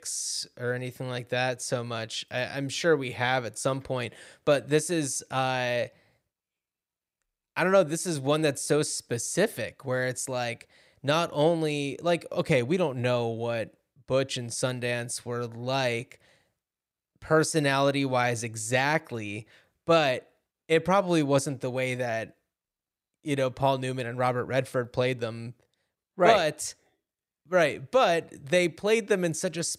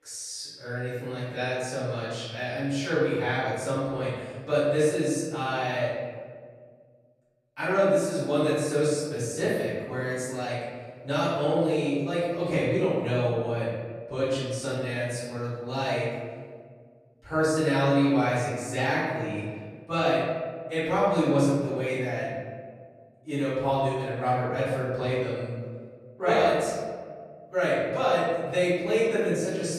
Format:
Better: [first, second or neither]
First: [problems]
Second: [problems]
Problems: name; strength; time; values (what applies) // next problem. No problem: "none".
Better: first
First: none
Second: off-mic speech; far // room echo; strong; dies away in 1.7 s